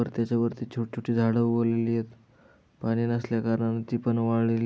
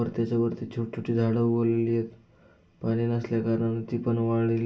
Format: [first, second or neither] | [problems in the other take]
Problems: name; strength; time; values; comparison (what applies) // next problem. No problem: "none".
first | room echo; dies away in 0.3 s